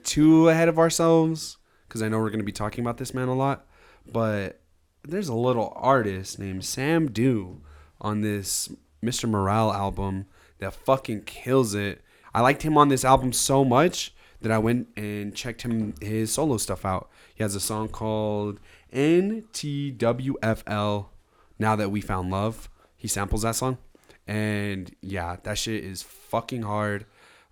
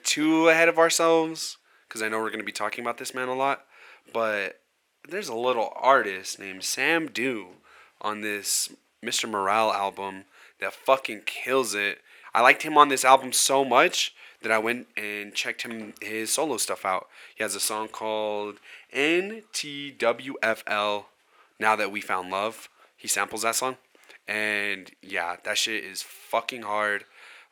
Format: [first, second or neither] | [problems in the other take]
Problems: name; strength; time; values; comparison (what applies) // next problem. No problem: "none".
first | thin; somewhat; fading below 450 Hz